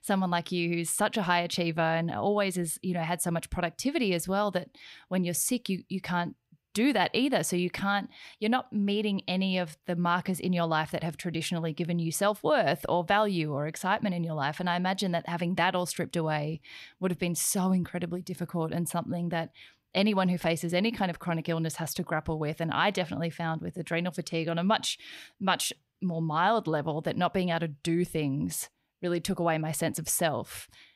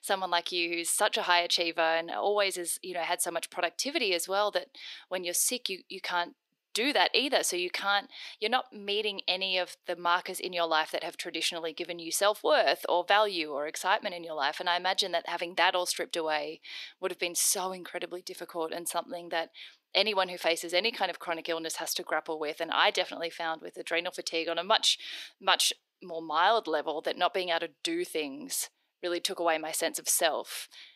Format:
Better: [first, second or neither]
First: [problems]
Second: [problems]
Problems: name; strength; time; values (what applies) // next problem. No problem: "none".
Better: first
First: none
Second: thin; very; fading below 350 Hz